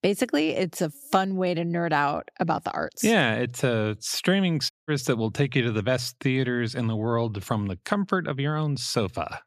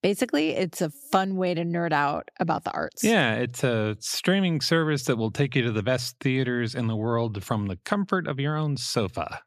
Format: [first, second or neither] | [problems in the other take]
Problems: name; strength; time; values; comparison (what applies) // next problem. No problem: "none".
second | audio cutting out; at 4.5 s